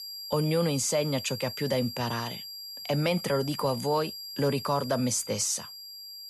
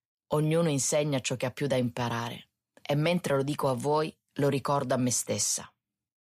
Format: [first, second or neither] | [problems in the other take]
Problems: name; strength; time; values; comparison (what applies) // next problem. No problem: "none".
second | high-pitched whine; loud; throughout; 5 kHz, 9 dB below the speech